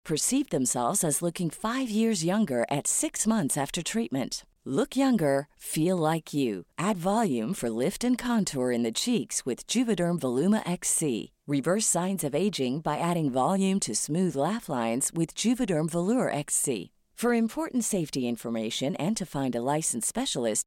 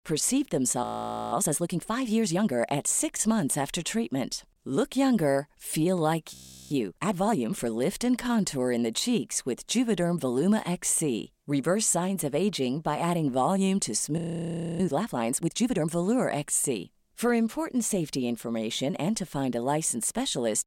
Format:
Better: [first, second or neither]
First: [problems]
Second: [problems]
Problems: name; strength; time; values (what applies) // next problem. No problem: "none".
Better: first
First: none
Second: audio freezing; at 1 s, at 6.5 s and at 14 s for 0.5 s